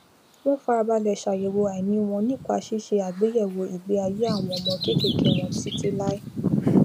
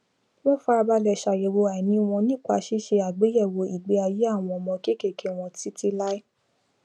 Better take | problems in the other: second | background sound (Bird vocalization, bird call, bird song); 2 dB below the speech

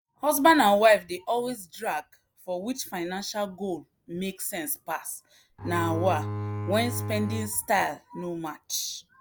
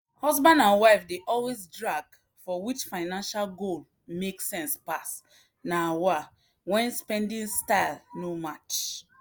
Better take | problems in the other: second | background sound (Bowed string instrument); 5 dB below the speech

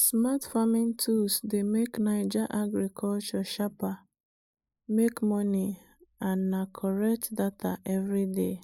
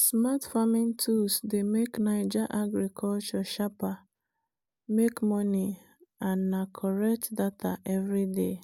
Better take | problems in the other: second | noise reduction (neural mask model Resemble Enhance denoiser)

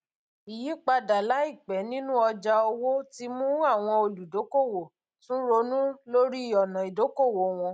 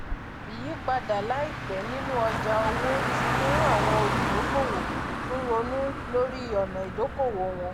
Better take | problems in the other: first | background sound (Car); as loud as the speech

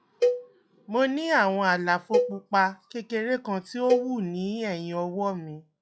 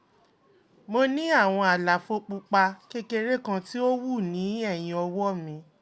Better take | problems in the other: second | noise reduction (classical method log-MMSE)

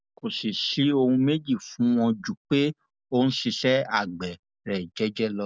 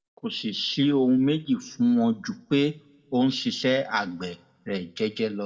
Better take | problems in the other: first | room echo; dies away in 0.6 s

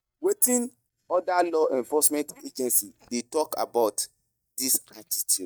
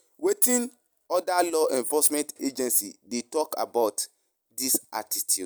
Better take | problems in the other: second | noise reduction (neural mask model DeepFilterNet 3)

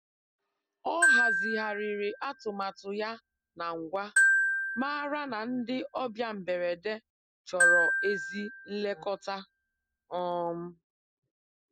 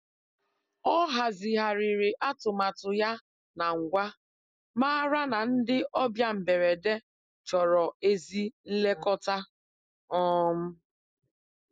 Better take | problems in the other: second | background sound (Glockenspiel); 4 dB above the speech

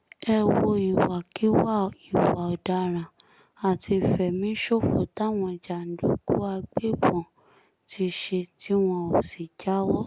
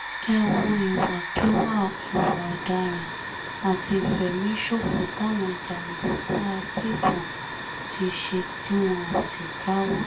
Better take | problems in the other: first | background sound (Hiss / Fire); 7 dB below the speech // room echo; dies away in 0.2 s

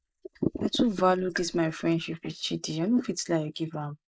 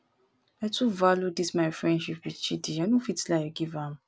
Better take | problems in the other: second | noise reduction (neural mask model Resemble Enhance denoiser)

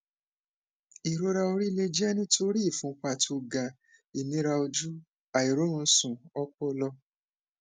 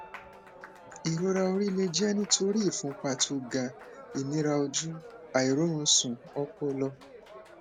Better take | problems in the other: first | background sound (Piano + Applause); 17 dB below the speech

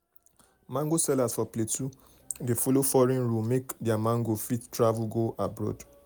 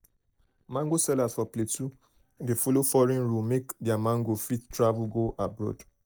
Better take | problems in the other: first | noise reduction (neural mask model DeepFilterNet 3)

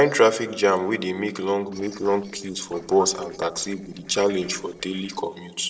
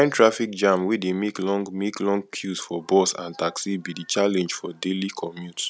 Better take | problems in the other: second | noise reduction (neural separator model SepFormer DNS4)

